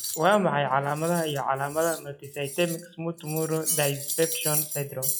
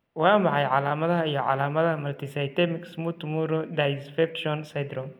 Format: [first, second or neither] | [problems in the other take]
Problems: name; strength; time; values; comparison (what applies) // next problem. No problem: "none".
second | noise reduction (classical method log-MMSE)